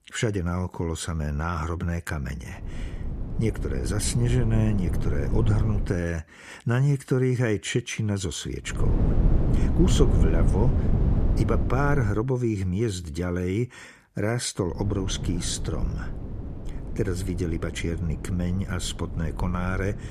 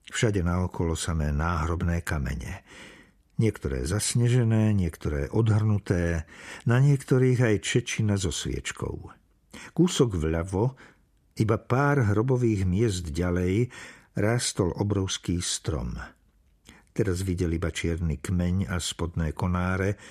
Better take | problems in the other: second | low rumble; loud; from 2.5 to 6 s, from 9 to 12 s and from 15 s on; 7 dB below the speech

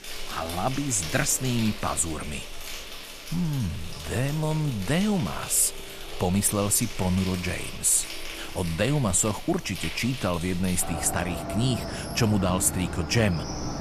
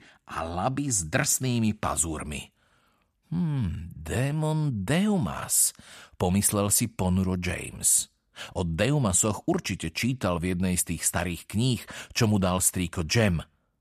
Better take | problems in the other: second | animal sounds; noticeable; throughout; 10 dB below the speech

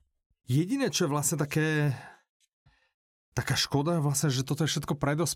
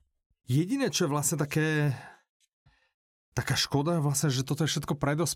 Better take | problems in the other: neither | none

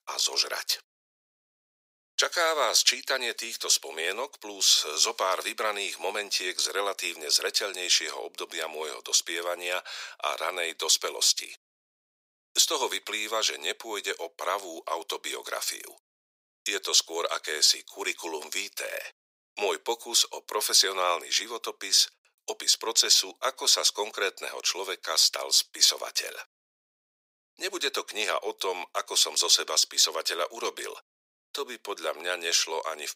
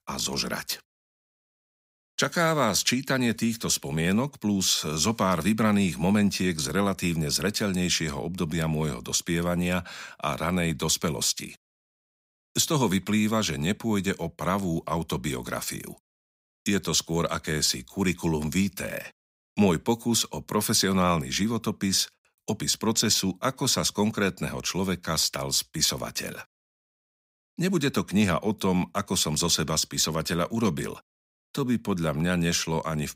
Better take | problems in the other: second | thin; very; fading below 400 Hz

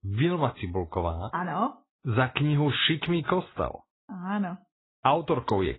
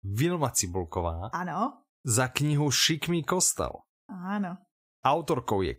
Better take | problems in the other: second | garbled, watery; badly; nothing above 4 kHz

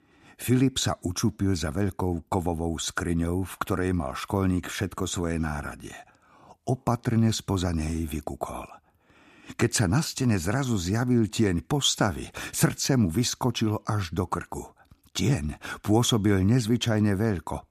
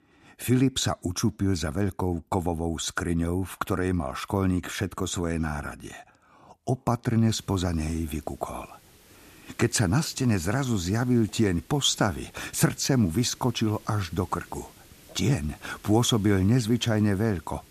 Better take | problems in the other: first | hiss; faint; from 7.5 s on; 25 dB below the speech

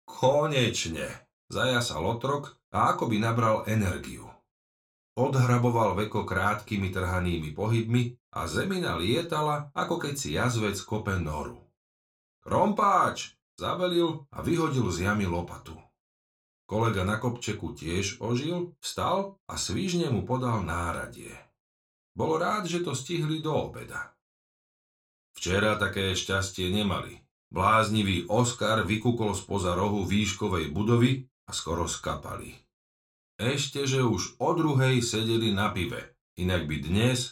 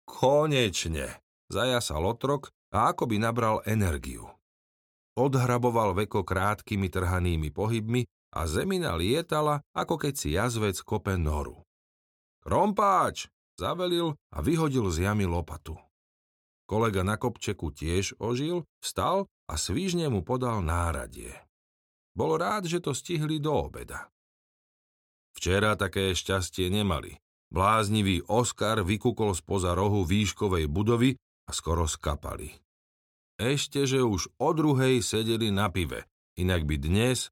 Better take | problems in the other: second | room echo; very slight; dies away in 0.2 s // off-mic speech; somewhat distant

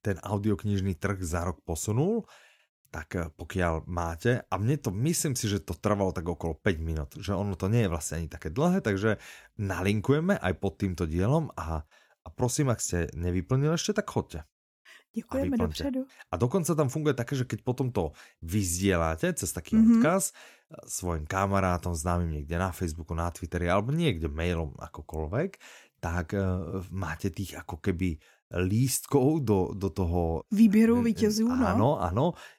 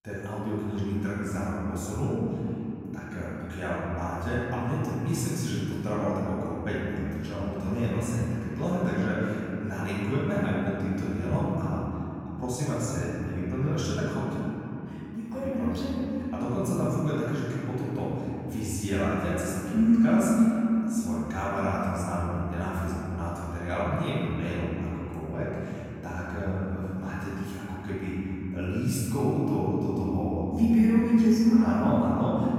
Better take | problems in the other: first | room echo; strong; dies away in 3 s // off-mic speech; far

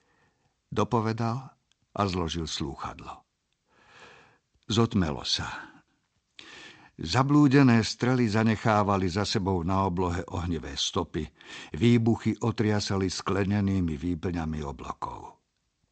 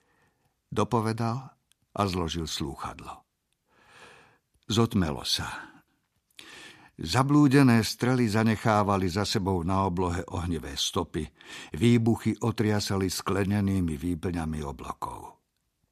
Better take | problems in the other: second | garbled, watery; slightly; nothing above 7.5 kHz

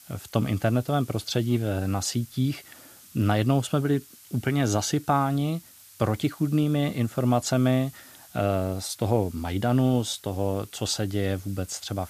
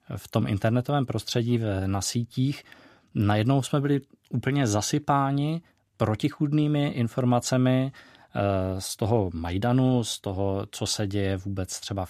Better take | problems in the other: second | hiss; faint; throughout; 20 dB below the speech

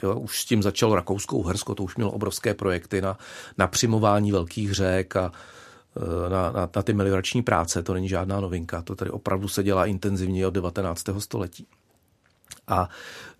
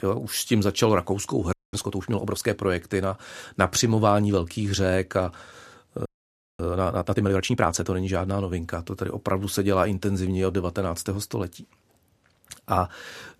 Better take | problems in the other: first | audio freezing; at 1.5 s and at 6 s for 0.5 s

